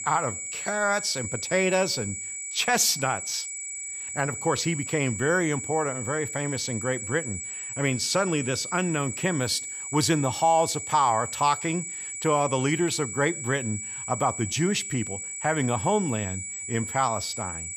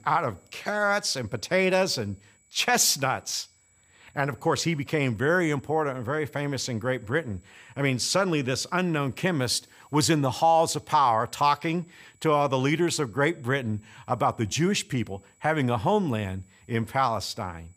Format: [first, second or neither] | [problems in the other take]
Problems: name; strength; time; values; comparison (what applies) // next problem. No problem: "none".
second | high-pitched whine; loud; throughout; 8 kHz, 6 dB below the speech; faint in the second